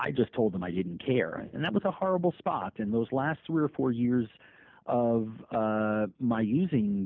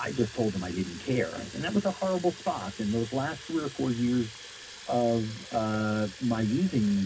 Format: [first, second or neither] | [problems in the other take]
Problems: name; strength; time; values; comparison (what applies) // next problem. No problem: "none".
first | background sound (Fill (with liquid) / Water tap, faucet); 16 dB below the speech // room echo; dies away in 0.4 s